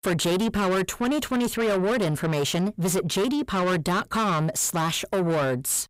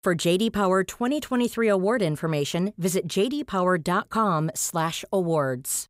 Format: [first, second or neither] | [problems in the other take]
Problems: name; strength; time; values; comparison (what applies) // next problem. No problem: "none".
second | distortion; heavy; 8 dB below the speech